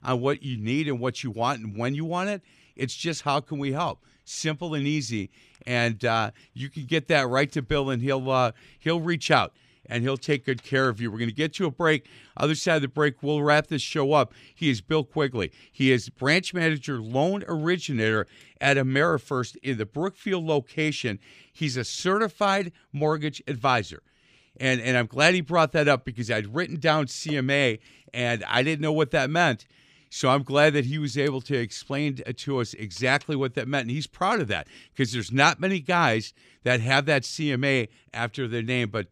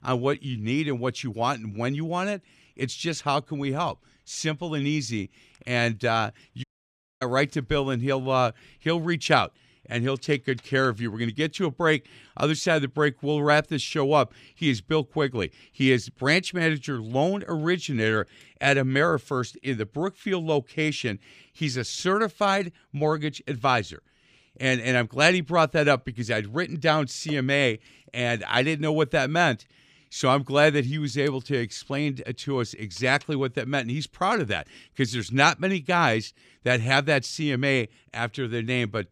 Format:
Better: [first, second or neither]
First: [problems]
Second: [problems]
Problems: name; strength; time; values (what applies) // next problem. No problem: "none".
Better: first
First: none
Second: audio cutting out; at 6.5 s for 0.5 s